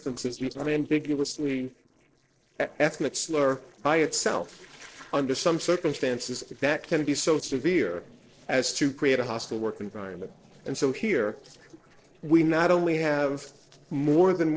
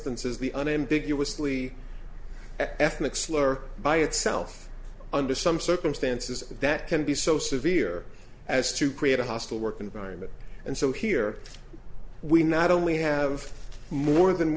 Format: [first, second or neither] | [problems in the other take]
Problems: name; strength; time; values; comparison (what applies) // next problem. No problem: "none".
second | noise reduction (neural separator model SepFormer DNS4)